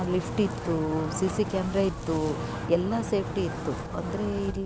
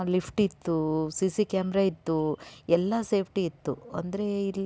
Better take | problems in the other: second | background sound (Wind); 5 dB below the speech

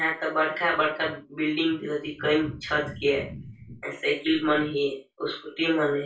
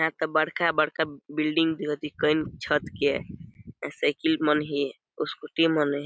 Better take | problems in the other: second | room echo; dies away in 0.3 s

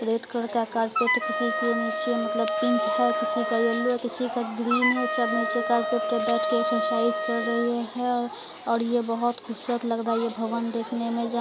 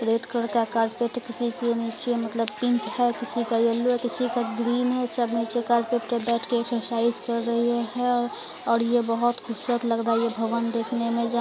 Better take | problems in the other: second | background sound (Wind instrument, woodwind instrument); 1 dB below the speech

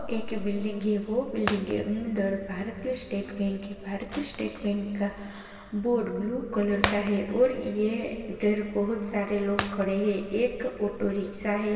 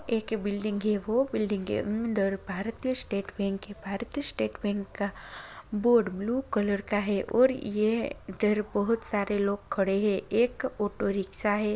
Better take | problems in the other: second | background sound (Shatter); 13 dB below the speech // room echo; dies away in 2.5 s

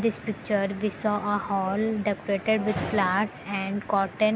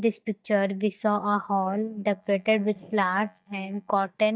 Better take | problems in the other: first | noise reduction (neural mask model DeepFilterNet 3)

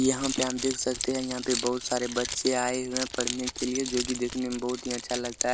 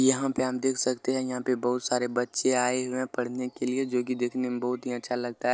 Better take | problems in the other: second | background sound (Keys jangling); 6 dB below the speech

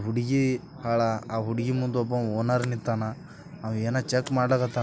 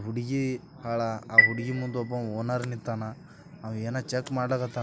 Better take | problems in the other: first | background sound (Chime); 3 dB above the speech

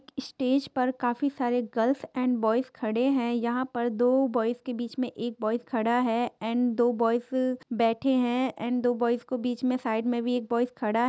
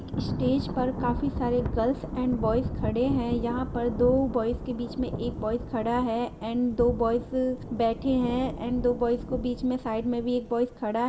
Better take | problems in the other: first | background sound (Thunder / Rain); 7 dB below the speech // room echo; dies away in 0.5 s

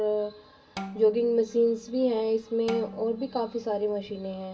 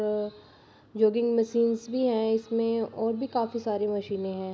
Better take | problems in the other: second | background sound (Bowed string instrument); 15 dB below the speech // room echo; dies away in 0.1 s

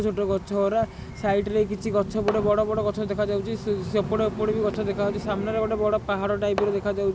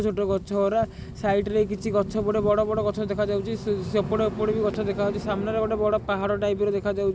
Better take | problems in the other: second | background sound (Fireworks); 17 dB below the speech

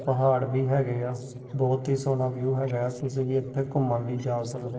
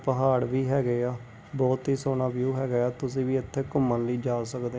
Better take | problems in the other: second | noise reduction (neural separator model SepFormer DNS4)

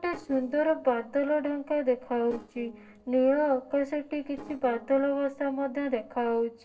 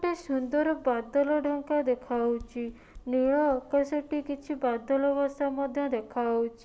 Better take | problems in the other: second | noise reduction (neural separator model SepFormer DNS4)

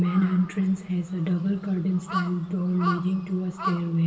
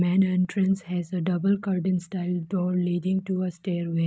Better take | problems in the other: second | background sound (Crow); 11 dB below the speech // room echo; dies away in 2.7 s

